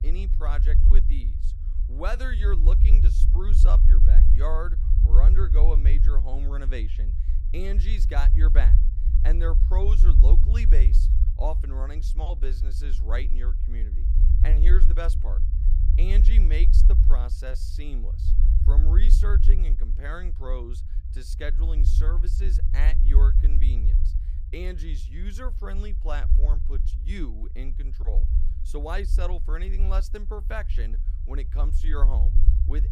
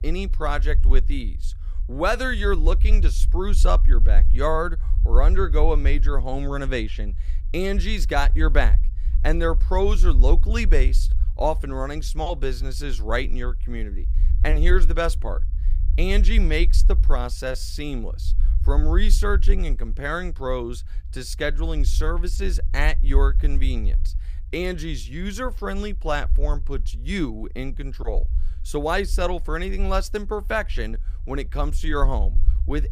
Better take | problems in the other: second | low rumble; loud; throughout; 7 dB below the speech; faint in the second

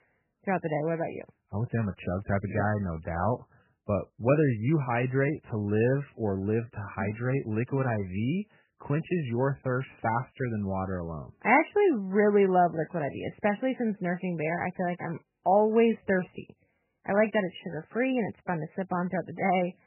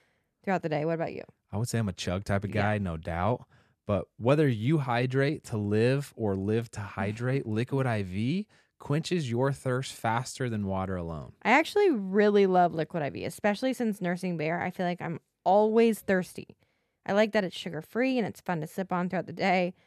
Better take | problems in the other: second | garbled, watery; badly; nothing above 3 kHz

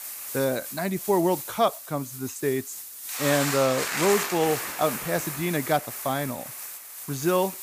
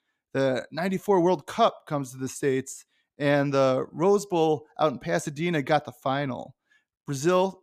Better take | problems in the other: second | hiss; loud; throughout; 5 dB below the speech

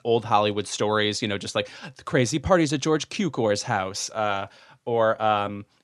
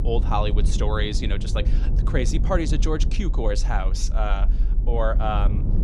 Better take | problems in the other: first | low rumble; noticeable; throughout; 10 dB below the speech

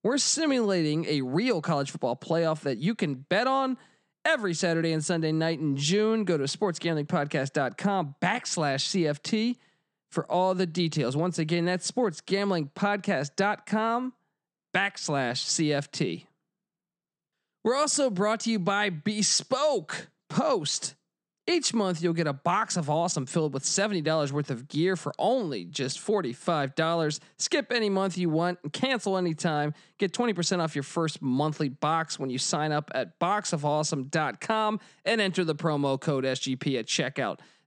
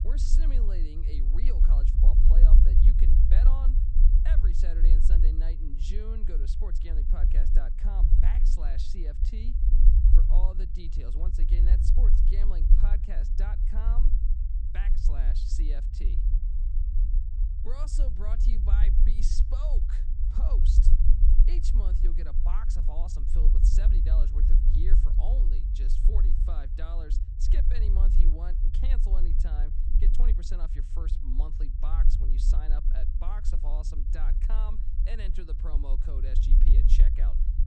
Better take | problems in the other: first | low rumble; loud; throughout; 2 dB below the speech

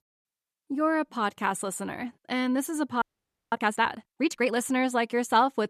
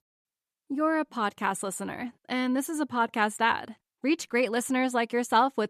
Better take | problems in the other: second | audio freezing; at 3 s for 0.5 s

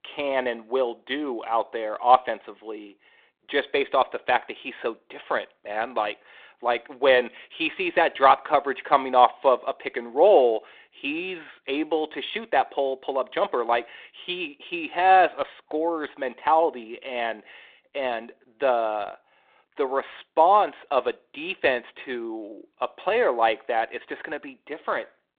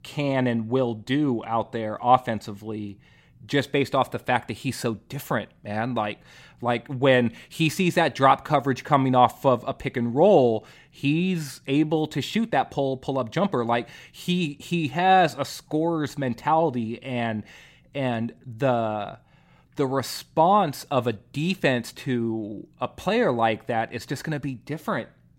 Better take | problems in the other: second | phone-call audio; nothing above 3.5 kHz

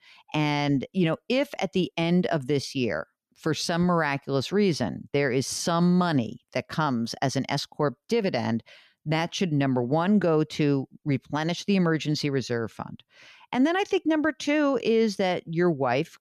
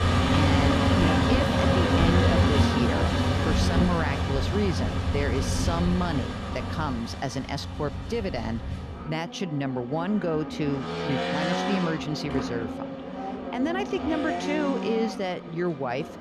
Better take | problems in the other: first | traffic noise; very loud; throughout; 4 dB above the speech

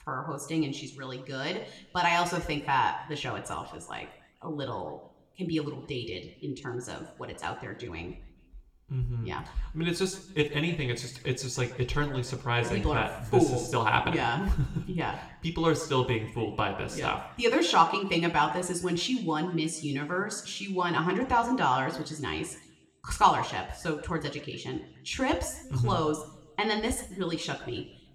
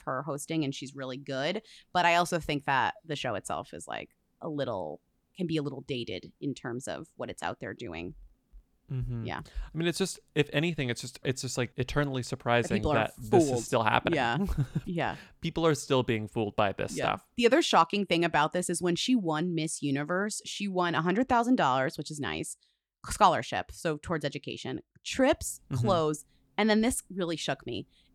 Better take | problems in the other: second | room echo; slight; dies away in 0.7 s

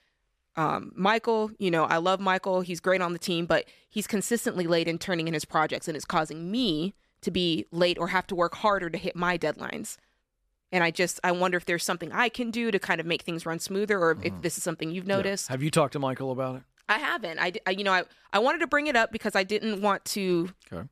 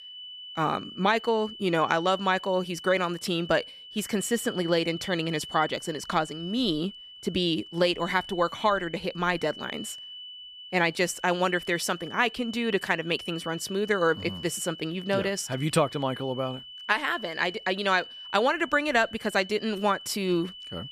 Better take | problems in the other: first | high-pitched whine; noticeable; throughout; 3 kHz, 15 dB below the speech

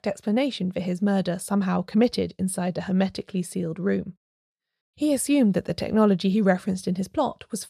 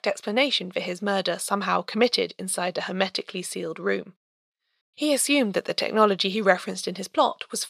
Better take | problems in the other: first | thin; somewhat; fading below 350 Hz

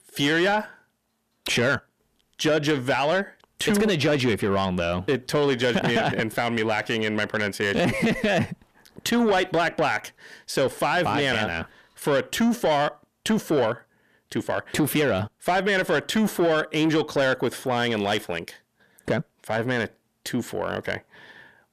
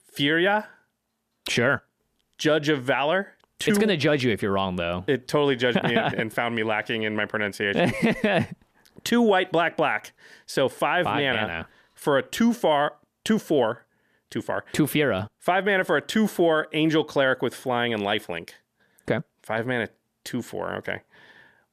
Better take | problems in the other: second | distortion; slight; 10 dB below the speech

